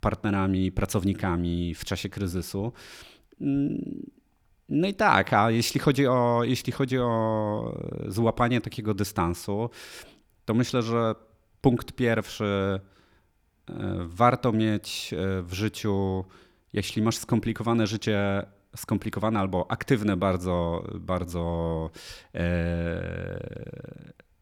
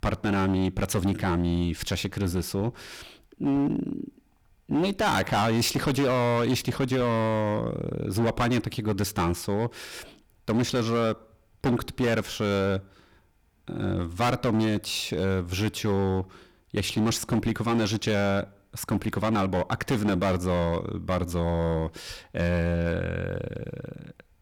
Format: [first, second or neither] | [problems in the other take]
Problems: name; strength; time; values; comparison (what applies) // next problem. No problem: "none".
first | distortion; heavy; 14% of the sound clipped